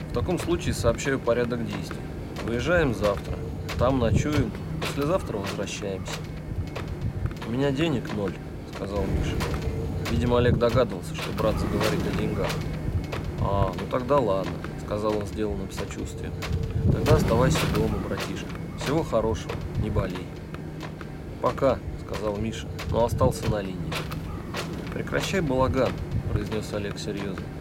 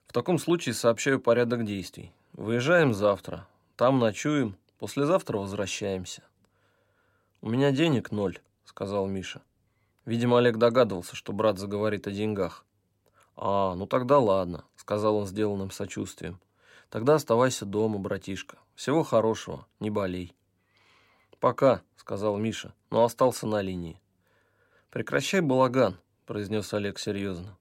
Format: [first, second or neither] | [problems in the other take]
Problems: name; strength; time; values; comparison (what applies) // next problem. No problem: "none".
second | wind noise on the microphone; heavy; 7 dB below the speech